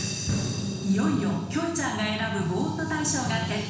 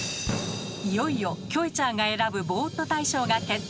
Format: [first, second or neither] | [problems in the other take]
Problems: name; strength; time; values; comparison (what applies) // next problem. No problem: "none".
second | room echo; dies away in 1.1 s